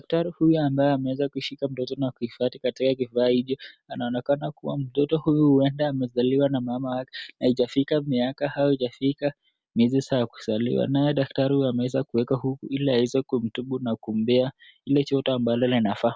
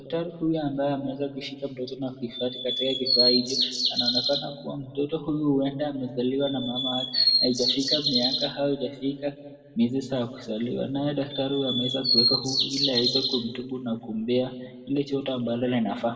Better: first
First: none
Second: background sound (Bird vocalization, bird call, bird song); 1 dB above the speech // room echo; dies away in 1.3 s

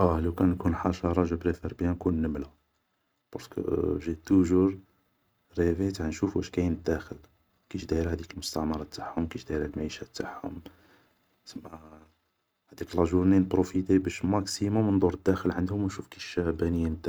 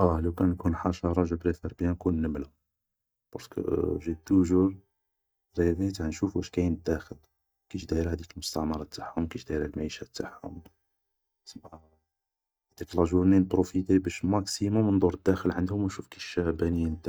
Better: first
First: none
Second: noise reduction (neural mask model DeepFilterNet 3)

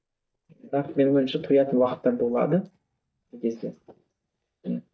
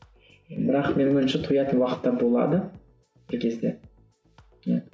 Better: second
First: noise reduction (neural mask model DeepFilterNet 3)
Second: none

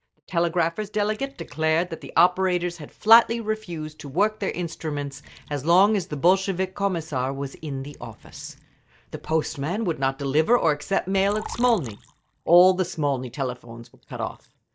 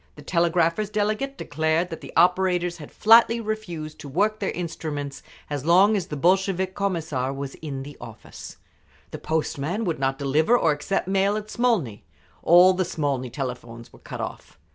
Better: second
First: noise reduction (neural mask model DeepFilterNet 3)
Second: none

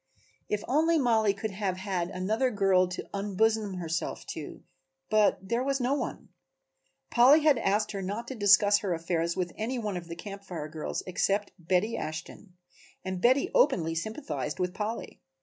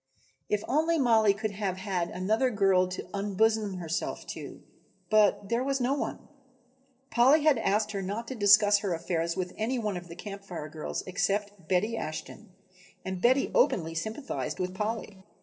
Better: first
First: none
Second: noise reduction (neural separator model SepFormer DNS4)

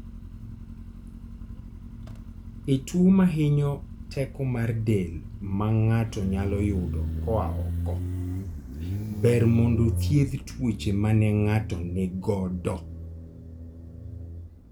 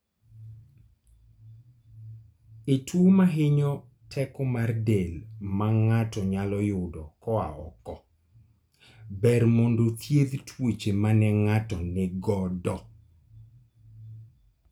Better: second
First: background sound (Motorcycle); 7 dB below the speech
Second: none

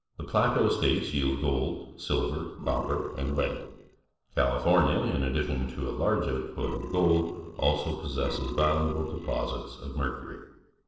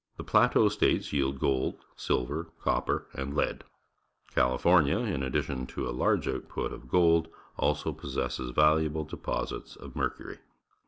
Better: second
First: noise reduction (neural separator model SepFormer DNS4)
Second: none

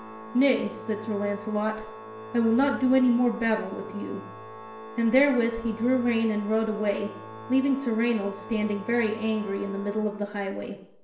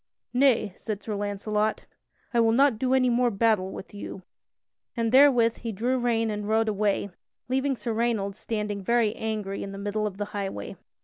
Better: second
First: background sound (Organ); 15 dB below the speech // room echo; dies away in 0.7 s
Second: none

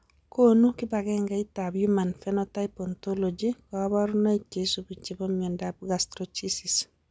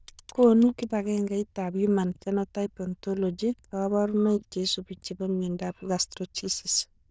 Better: first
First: none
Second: noise reduction (neural diffusion model UNIVERSE++)

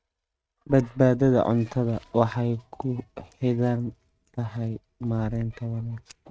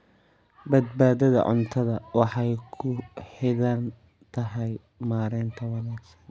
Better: second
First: noise reduction (neural mask model RNNoise)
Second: none

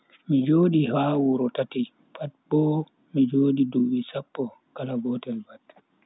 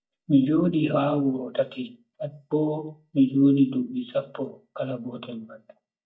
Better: first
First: none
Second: noise reduction (neural mask model DeepFilterNet 3)

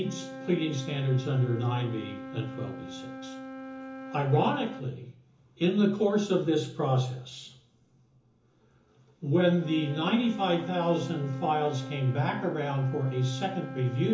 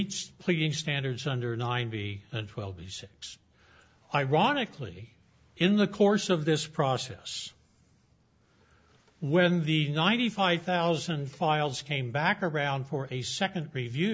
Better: second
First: background sound (Wind instrument, woodwind instrument); 13 dB below the speech // room echo; dies away in 0.7 s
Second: none

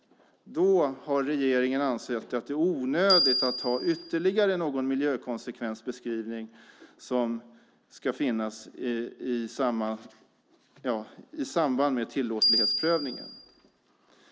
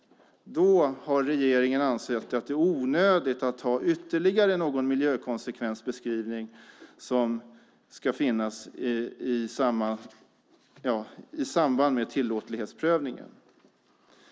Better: second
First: background sound (Bell); as loud as the speech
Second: none

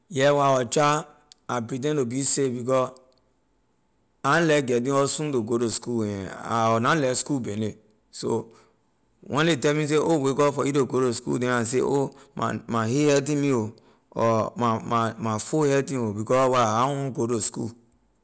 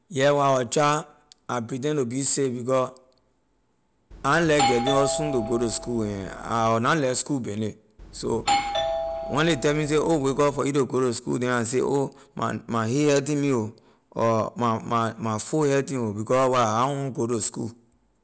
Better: first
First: none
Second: background sound (Doorbell); 5 dB below the speech

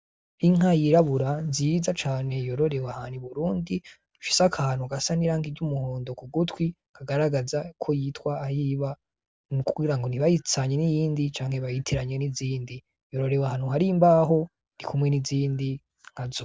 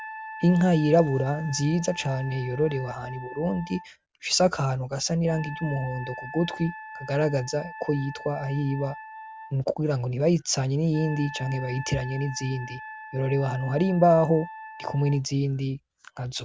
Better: first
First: none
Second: background sound (Wind instrument, woodwind instrument); 15 dB below the speech

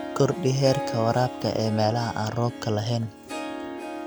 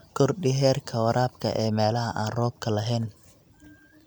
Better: second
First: background sound (Harp); 9 dB below the speech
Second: none

